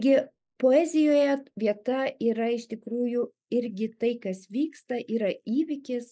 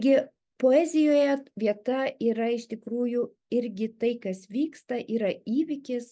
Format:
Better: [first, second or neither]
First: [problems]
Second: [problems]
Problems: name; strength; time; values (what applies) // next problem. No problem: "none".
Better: second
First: noise reduction (neural mask model Resemble Enhance denoiser)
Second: none